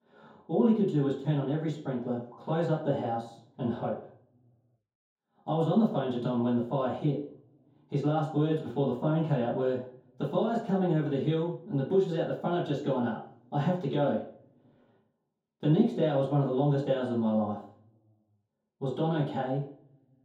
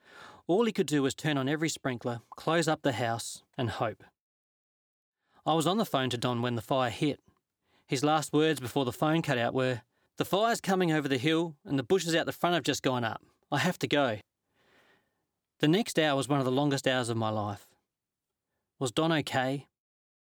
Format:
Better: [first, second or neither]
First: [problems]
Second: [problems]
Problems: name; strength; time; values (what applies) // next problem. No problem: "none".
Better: second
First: room echo; noticeable; dies away in 0.6 s // off-mic speech; far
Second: none